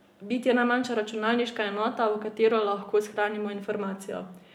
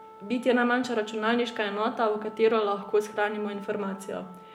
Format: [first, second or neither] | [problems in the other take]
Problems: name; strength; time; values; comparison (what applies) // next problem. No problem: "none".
first | background sound (Wind instrument, woodwind instrument); 19 dB below the speech